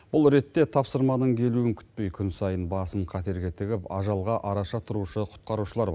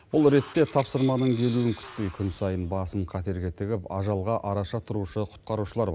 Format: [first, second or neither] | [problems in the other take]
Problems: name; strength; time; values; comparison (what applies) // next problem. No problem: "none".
first | background sound (Tools); 20 dB below the speech